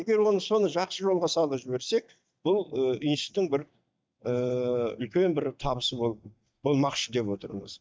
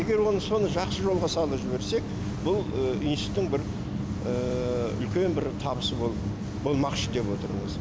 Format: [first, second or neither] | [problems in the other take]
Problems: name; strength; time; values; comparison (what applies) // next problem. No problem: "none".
second | noise reduction (neural mask model DeepFilterNet 3)